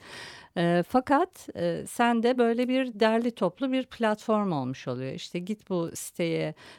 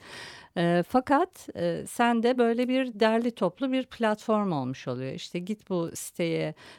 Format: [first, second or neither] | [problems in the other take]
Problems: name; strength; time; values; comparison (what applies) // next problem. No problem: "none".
neither | none